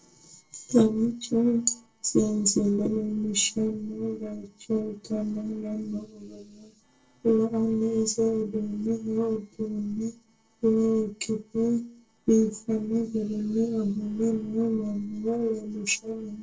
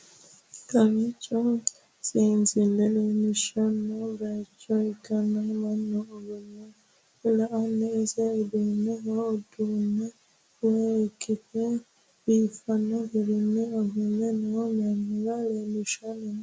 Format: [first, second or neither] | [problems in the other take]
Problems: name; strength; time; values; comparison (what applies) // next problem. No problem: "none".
second | noise reduction (neural separator model SepFormer DNS4)